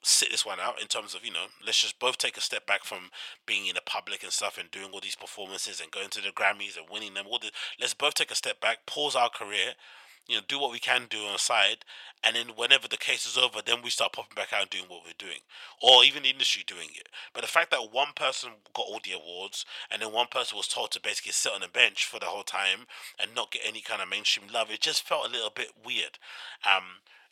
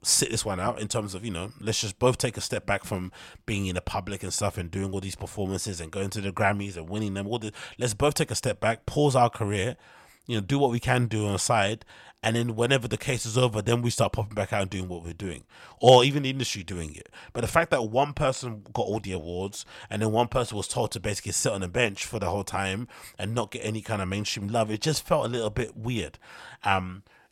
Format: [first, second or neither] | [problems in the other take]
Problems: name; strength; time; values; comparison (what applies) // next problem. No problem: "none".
second | thin; very; fading below 650 Hz